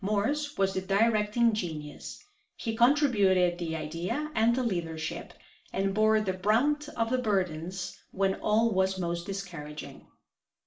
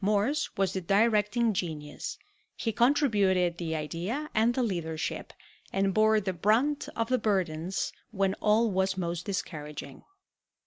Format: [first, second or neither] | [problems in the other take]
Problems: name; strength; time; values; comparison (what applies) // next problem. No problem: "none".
second | room echo; dies away in 0.4 s